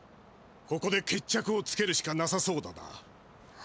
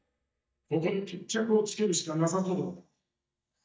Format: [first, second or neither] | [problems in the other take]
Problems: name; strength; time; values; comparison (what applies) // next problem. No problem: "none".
first | noise reduction (neural mask model DeepFilterNet 3)